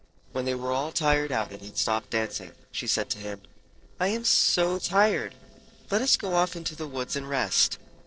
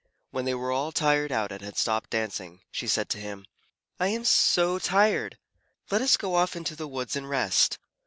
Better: second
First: noise reduction (neural separator model SepFormer DNS4)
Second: none

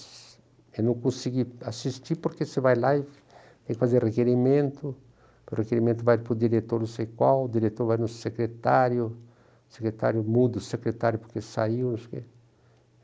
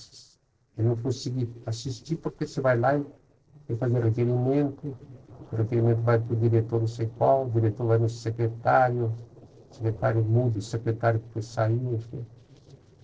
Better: first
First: none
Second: noise reduction (neural separator model SepFormer DNS4)

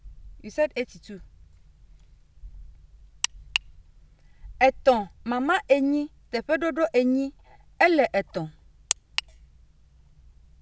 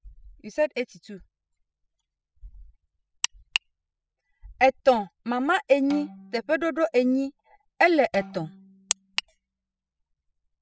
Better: first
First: none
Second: noise reduction (classical method spectral subtraction)

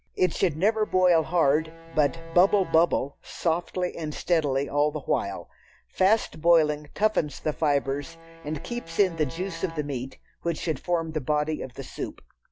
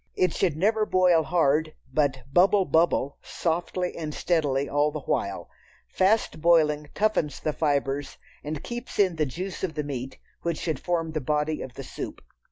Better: second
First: background sound (Bowed string instrument); 19 dB below the speech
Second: none

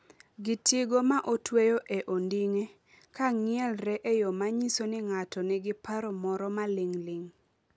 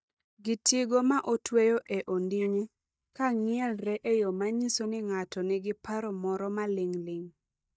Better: first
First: none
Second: noise reduction (neural mask model DeepFilterNet 3)

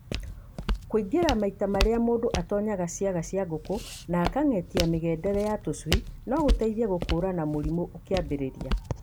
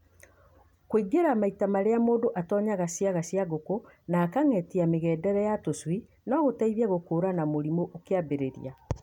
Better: second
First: background sound (Walk, footsteps); 5 dB below the speech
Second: none

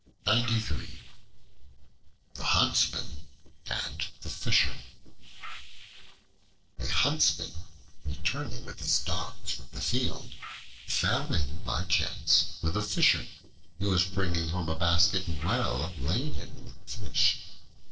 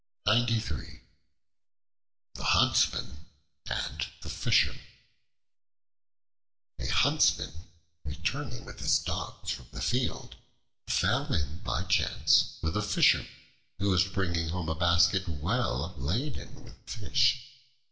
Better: second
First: noise reduction (neural separator model SepFormer DNS4)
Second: none

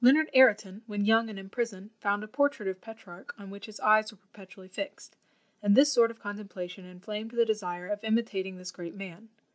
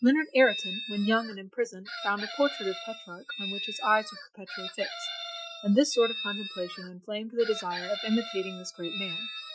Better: first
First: none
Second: noise reduction (classical method Wiener filter)

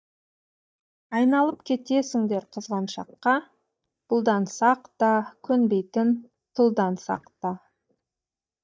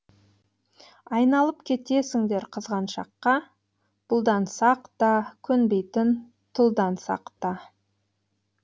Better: second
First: noise reduction (neural mask model DeepFilterNet 3)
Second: none

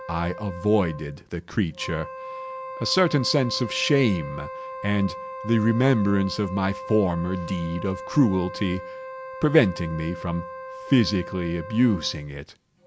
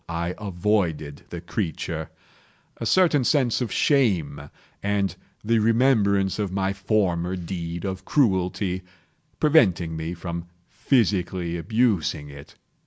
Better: second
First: background sound (Wind instrument, woodwind instrument); 12 dB below the speech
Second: none

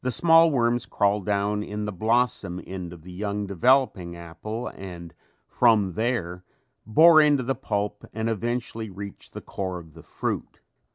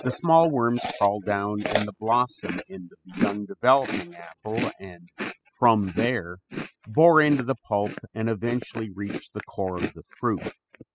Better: first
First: none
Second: noise reduction (classical method spectral subtraction)

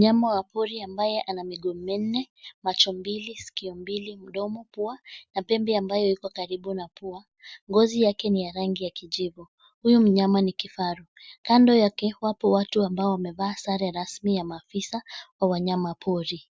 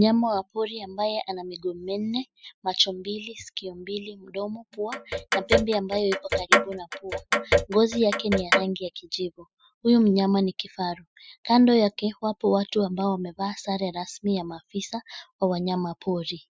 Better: first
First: none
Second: noise reduction (classical method spectral subtraction)

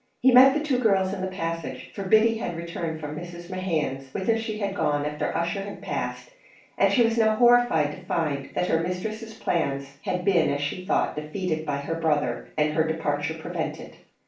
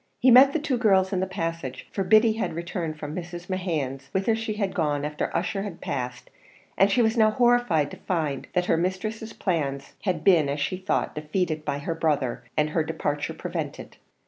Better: second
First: room echo; dies away in 0.4 s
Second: none

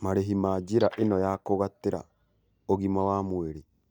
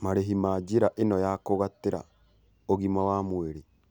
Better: second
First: noise reduction (neural mask model DeepFilterNet 3)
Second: none

